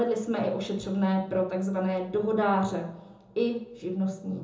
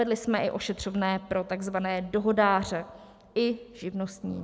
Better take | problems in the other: second | room echo; dies away in 0.5 s

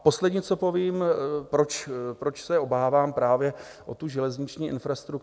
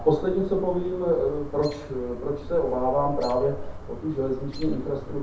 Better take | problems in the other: first | background sound (Chirp, tweet); 9 dB below the speech // room echo; dies away in 0.5 s

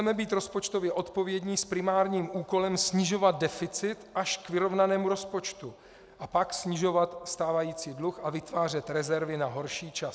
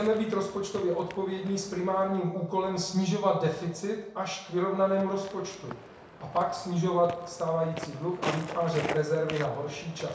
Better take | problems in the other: first | background sound (Walk, footsteps); 13 dB below the speech // room echo; dies away in 0.6 s

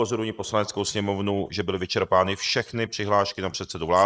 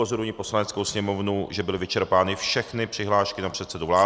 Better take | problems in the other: second | noise reduction (neural mask model Resemble Enhance denoiser)

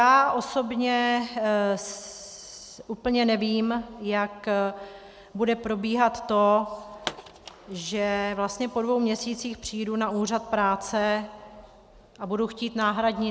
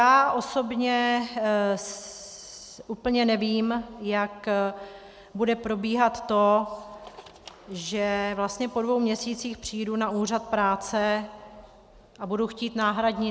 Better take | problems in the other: second | background sound (Explosion); 13 dB below the speech

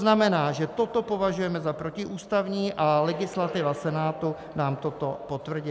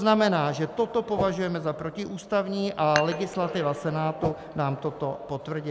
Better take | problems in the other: first | background sound (Whoosh, swoosh, swish + Dishes, pots, and pans); 8 dB below the speech

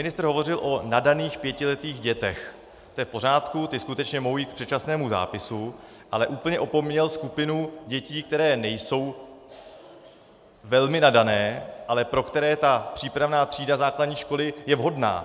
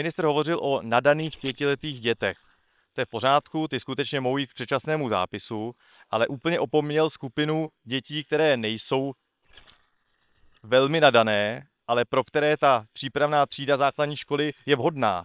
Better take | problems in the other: first | noise reduction (neural separator model SepFormer WHAM!)

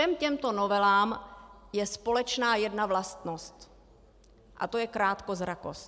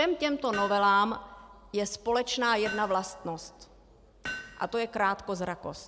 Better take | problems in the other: first | background sound (Hammer); 14 dB below the speech

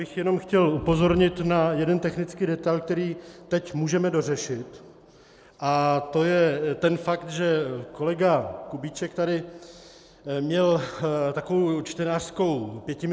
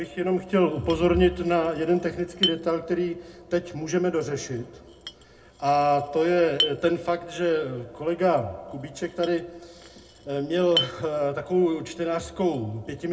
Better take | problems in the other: first | background sound (Chink, clink); 12 dB below the speech // room echo; dies away in 0.2 s

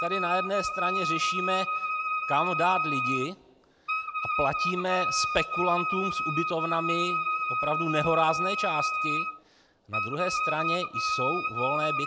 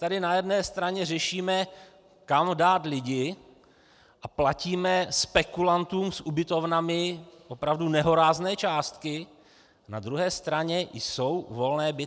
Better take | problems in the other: second | background sound (Wind instrument, woodwind instrument); 1 dB above the speech

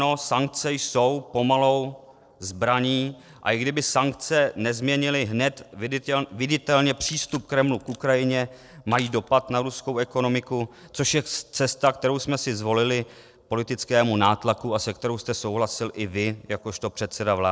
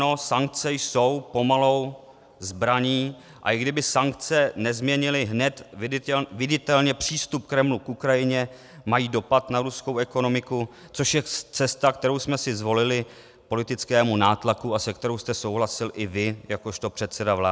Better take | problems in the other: second | noise reduction (neural separator model SepFormer DNS4)

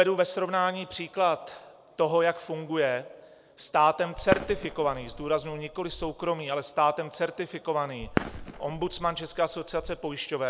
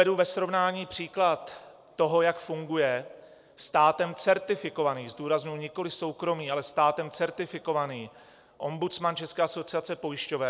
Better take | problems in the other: second | background sound (Fireworks); 8 dB below the speech

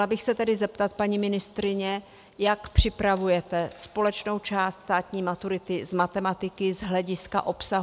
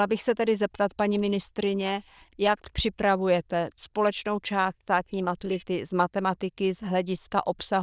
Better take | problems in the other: first | noise reduction (neural diffusion model UNIVERSE++)

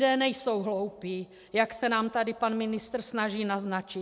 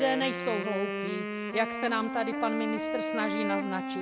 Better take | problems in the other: first | background sound (Wind instrument, woodwind instrument); 1 dB below the speech

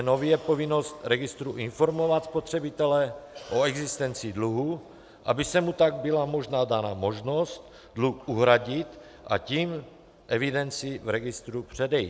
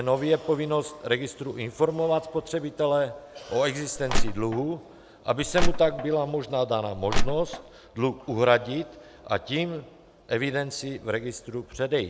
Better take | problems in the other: first | background sound (Crushing); 4 dB above the speech

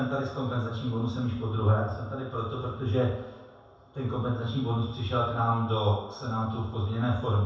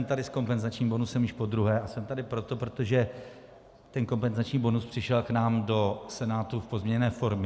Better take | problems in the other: second | room echo; dies away in 0.7 s

